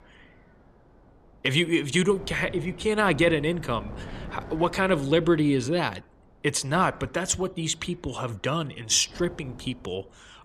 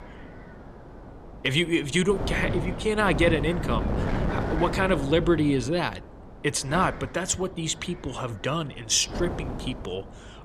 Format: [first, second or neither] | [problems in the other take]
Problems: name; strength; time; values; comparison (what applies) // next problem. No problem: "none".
first | wind noise on the microphone; heavy; 9 dB below the speech; occasional gusts in the first